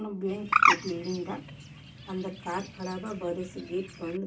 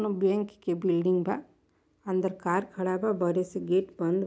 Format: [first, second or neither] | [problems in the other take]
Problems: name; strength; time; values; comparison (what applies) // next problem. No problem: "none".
second | background sound (Bird); 4 dB above the speech // room echo; dies away in 0.1 s